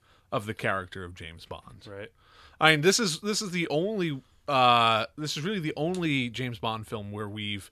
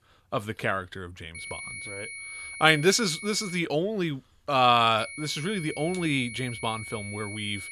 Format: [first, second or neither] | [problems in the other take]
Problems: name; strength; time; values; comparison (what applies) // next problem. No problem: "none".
first | high-pitched whine; noticeable; from 1.5 to 3.5 s and from 5 s on; 2 kHz, 10 dB below the speech